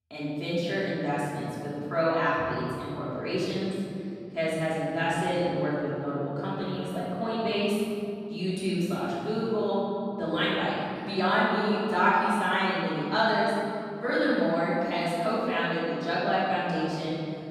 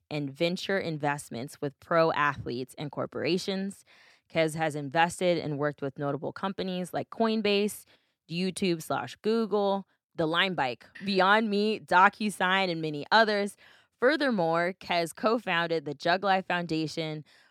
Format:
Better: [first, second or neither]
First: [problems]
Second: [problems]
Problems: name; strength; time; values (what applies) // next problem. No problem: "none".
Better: second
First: room echo; strong; dies away in 3 s // off-mic speech; far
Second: none